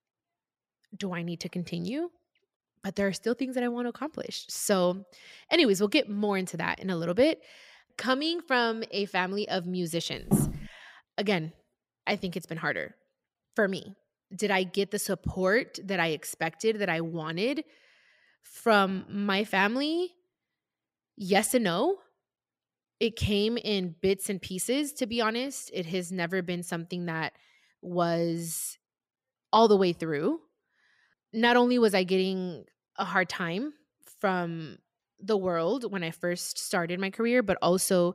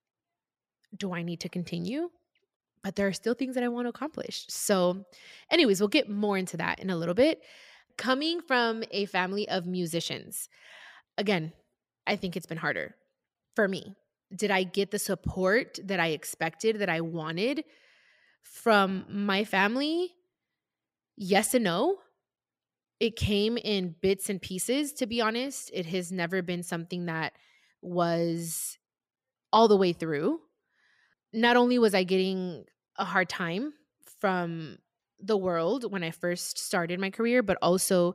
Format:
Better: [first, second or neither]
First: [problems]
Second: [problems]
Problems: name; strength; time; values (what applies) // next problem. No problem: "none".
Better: second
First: footsteps; loud; at 10 s; peak 1 dB above the speech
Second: none